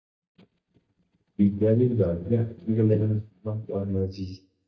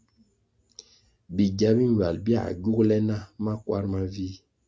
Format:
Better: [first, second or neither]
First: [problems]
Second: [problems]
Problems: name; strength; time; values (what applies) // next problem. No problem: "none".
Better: second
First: noise reduction (neural mask model DeepFilterNet 3)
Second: none